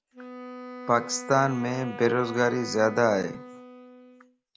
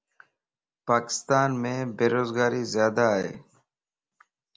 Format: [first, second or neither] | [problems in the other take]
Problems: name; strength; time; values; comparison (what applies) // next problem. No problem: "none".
second | background sound (Wind instrument, woodwind instrument); 14 dB below the speech